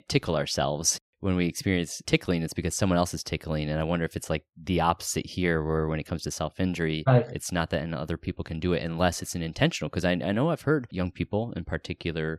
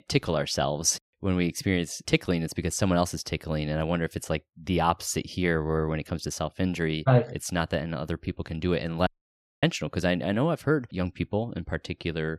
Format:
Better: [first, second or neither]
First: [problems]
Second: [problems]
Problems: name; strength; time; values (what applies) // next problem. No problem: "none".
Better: first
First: none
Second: audio cutting out; at 9 s for 0.5 s